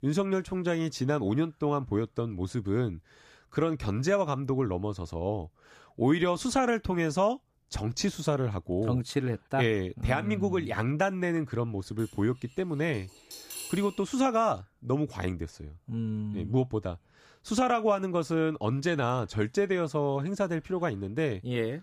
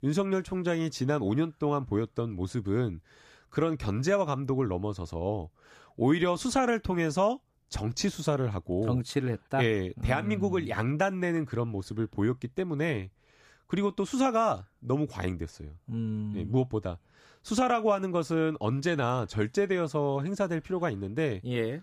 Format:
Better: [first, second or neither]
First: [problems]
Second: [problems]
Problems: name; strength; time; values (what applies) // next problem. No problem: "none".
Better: second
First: clattering dishes; noticeable; from 12 to 14 s; peak 9 dB below the speech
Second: none